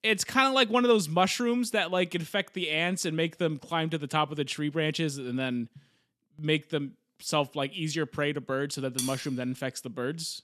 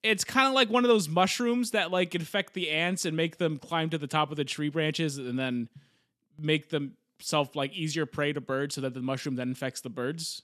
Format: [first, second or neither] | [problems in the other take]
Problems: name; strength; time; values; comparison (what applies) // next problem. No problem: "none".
second | clattering dishes; noticeable; at 9 s; peak 5 dB below the speech